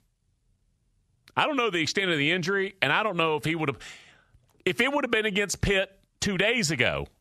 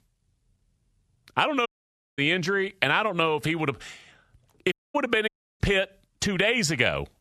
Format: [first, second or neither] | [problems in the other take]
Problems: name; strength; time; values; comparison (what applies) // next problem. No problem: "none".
first | audio cutting out; at 1.5 s for 0.5 s, at 4.5 s and at 5.5 s